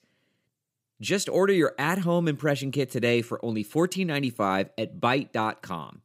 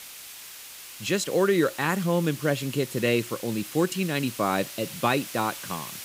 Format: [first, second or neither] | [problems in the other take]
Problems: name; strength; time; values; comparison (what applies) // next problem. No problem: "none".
first | hiss; noticeable; throughout; 10 dB below the speech